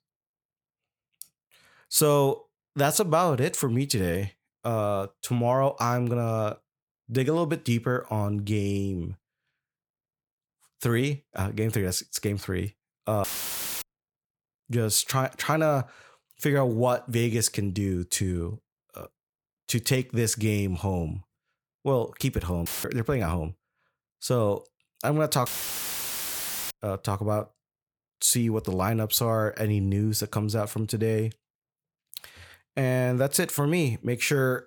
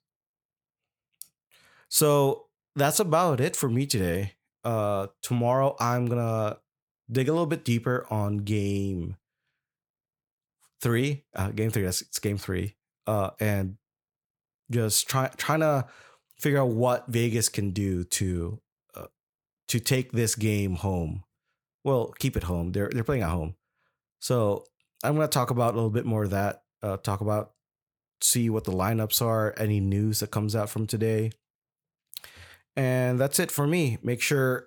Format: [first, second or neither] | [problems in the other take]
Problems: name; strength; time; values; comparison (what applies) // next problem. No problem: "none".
second | audio cutting out; filled with static; at 13 s for 0.5 s, at 23 s and at 25 s for 1.5 s